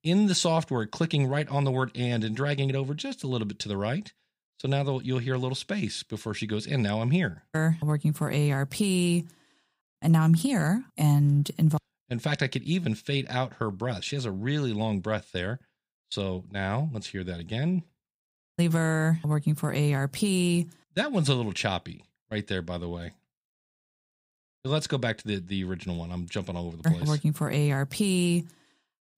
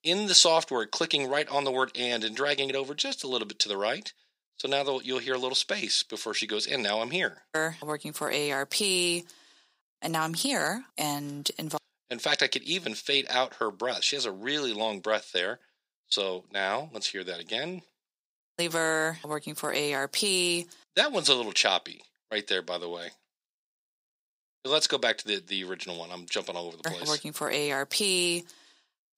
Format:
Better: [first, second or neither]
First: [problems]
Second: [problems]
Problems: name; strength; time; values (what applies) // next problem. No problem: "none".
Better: first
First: none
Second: thin; very; fading below 350 Hz